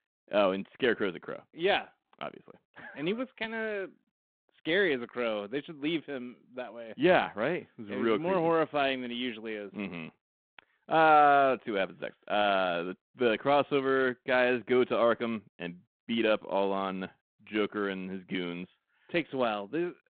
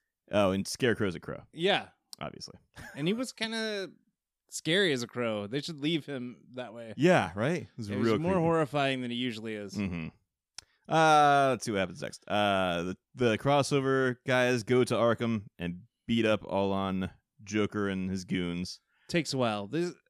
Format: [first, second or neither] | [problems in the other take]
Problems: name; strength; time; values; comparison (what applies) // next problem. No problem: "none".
second | phone-call audio